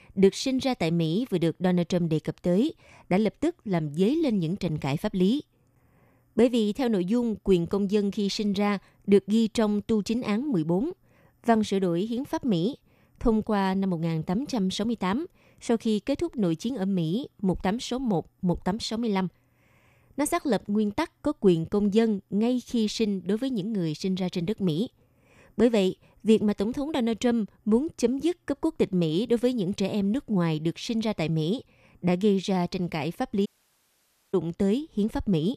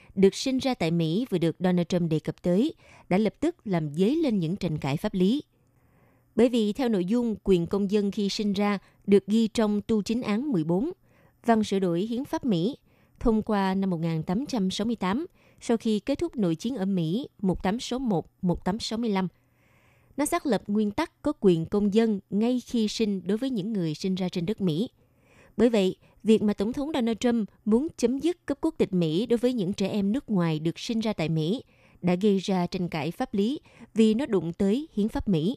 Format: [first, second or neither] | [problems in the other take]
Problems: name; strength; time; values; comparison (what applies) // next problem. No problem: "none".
second | audio cutting out; at 33 s for 1 s